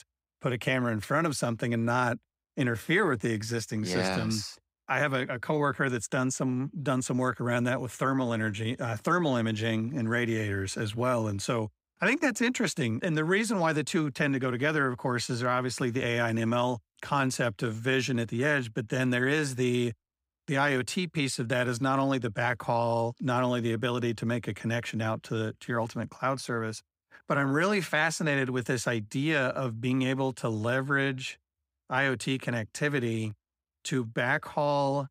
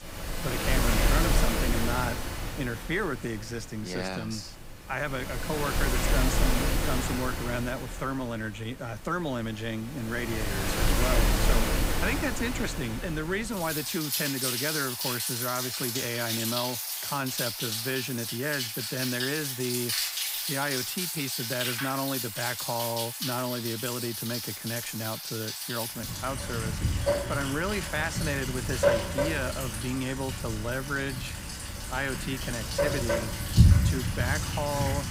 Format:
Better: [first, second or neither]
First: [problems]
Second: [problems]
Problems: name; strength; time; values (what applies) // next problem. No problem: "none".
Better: first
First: none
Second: rain or running water; very loud; throughout; 3 dB above the speech